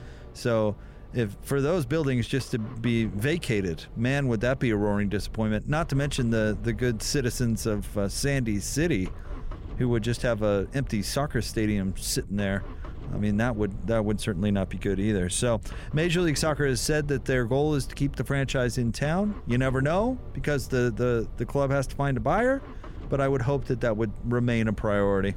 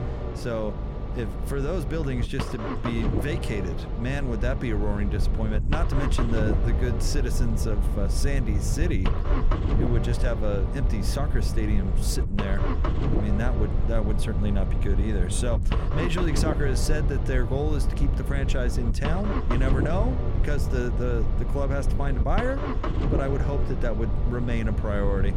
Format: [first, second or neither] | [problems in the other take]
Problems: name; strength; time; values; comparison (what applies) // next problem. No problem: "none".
first | low rumble; loud; throughout; 3 dB below the speech; faint in the first